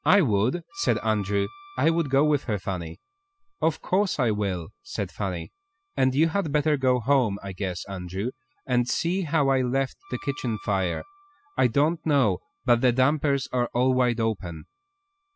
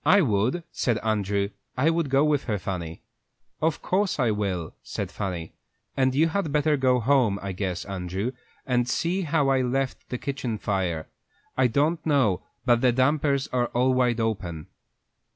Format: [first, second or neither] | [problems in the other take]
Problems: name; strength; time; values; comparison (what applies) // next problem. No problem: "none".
second | noise reduction (classical method spectral subtraction)